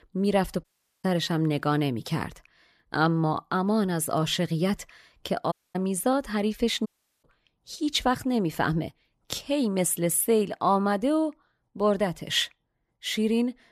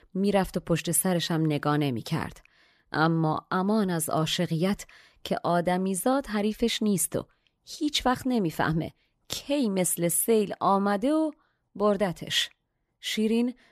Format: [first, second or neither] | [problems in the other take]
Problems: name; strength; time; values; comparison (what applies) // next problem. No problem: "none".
second | audio cutting out; at 0.5 s, at 5.5 s and at 7 s